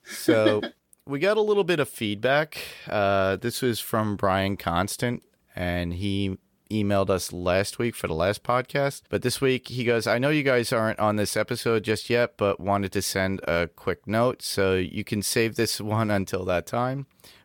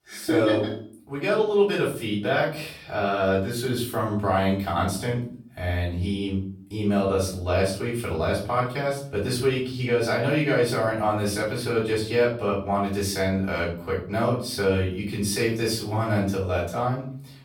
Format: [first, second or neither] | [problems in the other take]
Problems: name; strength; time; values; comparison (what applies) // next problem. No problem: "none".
first | off-mic speech; far // room echo; noticeable; dies away in 0.5 s